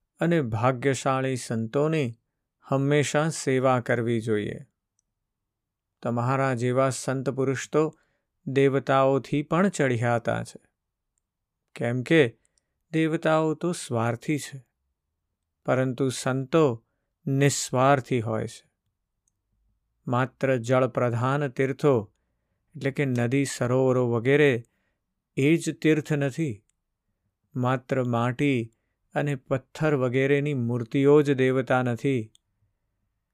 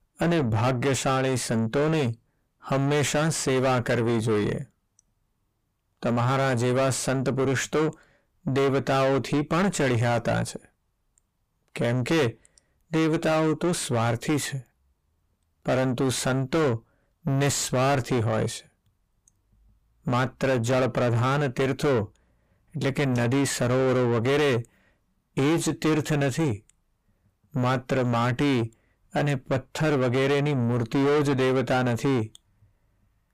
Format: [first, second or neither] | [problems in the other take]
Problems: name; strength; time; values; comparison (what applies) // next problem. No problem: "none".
first | distortion; heavy; 5 dB below the speech